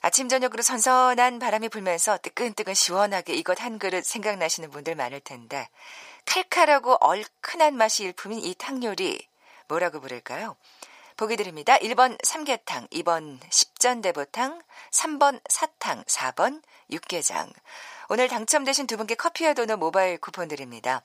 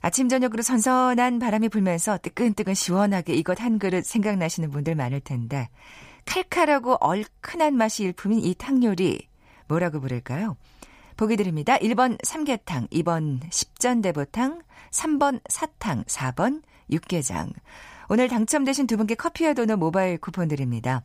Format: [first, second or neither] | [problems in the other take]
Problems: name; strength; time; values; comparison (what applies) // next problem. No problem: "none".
second | thin; very; fading below 600 Hz